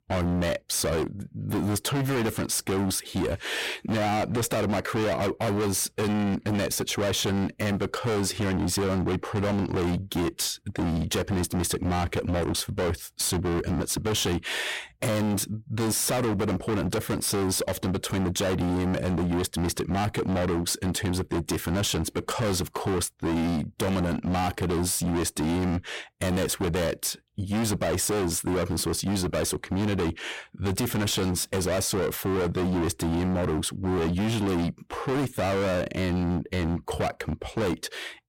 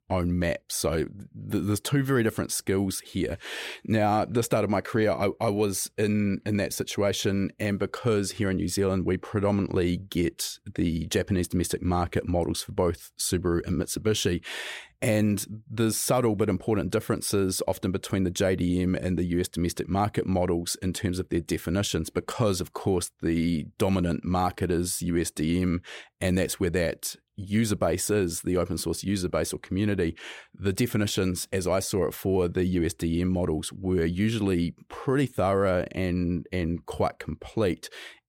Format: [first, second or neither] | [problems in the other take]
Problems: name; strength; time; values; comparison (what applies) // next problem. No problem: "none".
second | distortion; heavy; 35% of the sound clipped